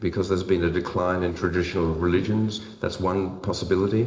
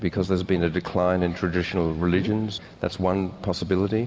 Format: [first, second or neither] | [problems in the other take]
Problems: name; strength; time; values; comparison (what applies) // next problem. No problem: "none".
second | noise reduction (neural separator model SepFormer DNS4)